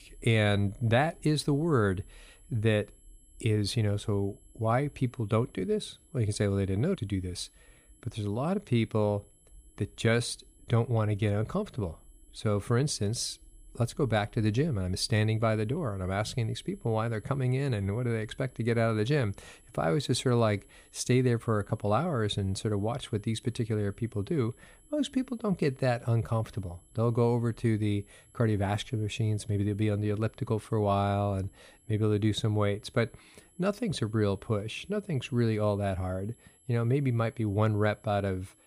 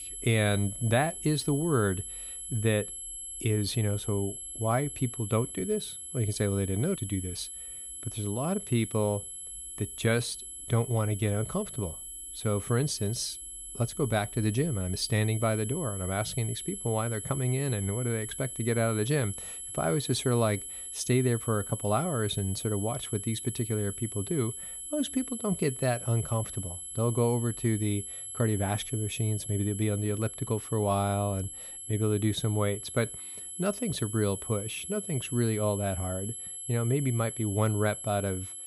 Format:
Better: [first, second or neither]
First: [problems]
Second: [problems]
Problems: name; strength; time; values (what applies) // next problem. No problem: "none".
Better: first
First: high-pitched whine; faint; throughout; 11 kHz, 30 dB below the speech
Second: high-pitched whine; loud; throughout; 11 kHz, 7 dB below the speech